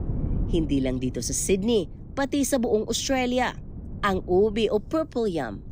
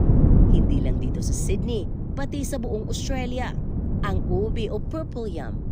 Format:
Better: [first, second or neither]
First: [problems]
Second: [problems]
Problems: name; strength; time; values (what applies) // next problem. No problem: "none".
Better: first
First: wind noise on the microphone; occasional gusts; 20 dB below the speech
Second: wind noise on the microphone; heavy; 3 dB below the speech